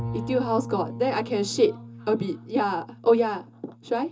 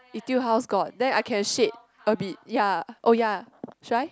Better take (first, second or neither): second